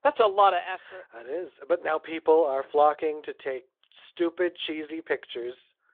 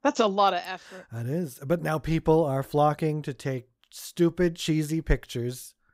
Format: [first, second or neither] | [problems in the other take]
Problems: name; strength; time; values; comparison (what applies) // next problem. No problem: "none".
second | phone-call audio; nothing above 3.5 kHz